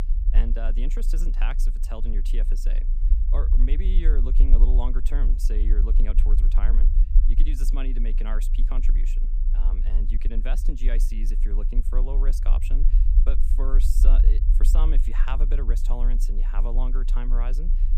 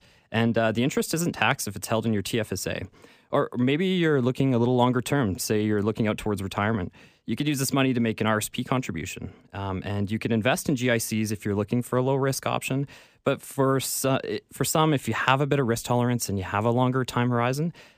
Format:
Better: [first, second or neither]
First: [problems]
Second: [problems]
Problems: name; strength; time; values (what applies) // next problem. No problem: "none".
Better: second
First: low rumble; loud; throughout; 8 dB below the speech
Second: none